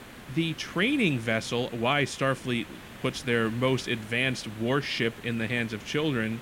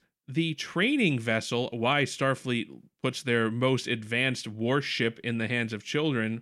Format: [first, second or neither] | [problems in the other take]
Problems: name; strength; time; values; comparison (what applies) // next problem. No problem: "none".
second | hiss; noticeable; throughout; 15 dB below the speech